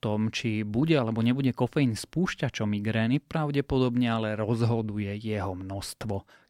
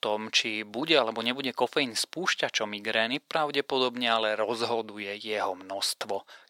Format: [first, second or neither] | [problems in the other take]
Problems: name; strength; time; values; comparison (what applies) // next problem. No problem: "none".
first | thin; very; fading below 600 Hz